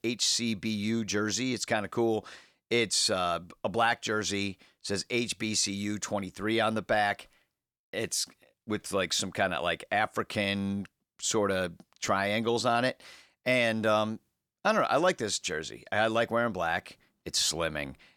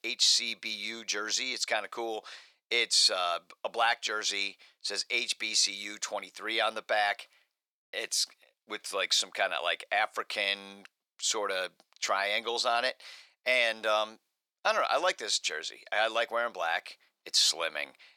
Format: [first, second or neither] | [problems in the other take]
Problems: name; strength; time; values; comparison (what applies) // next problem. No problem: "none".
first | thin; very; fading below 650 Hz